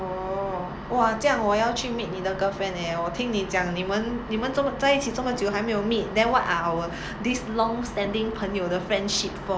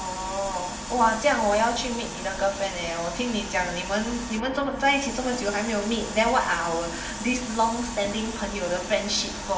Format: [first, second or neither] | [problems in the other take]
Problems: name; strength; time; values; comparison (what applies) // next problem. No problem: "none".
first | background sound (Hiss); 13 dB below the speech // room echo; dies away in 1.1 s